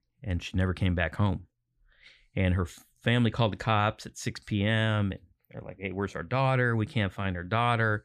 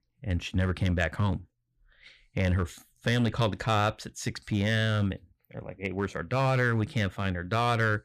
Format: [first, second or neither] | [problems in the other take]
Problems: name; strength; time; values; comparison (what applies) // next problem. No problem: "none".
first | distortion; slight; 4% of the sound clipped